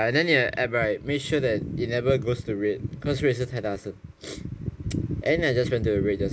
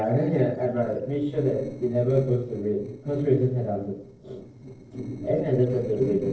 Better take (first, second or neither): first